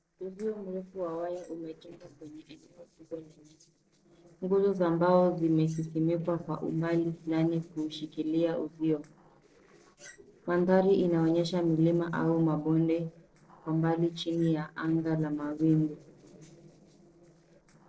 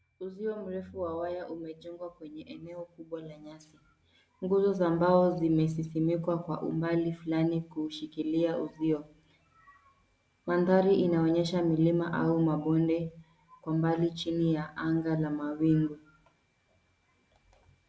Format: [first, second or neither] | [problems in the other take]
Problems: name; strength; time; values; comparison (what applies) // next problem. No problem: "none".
second | noise reduction (neural separator model SepFormer DNS4)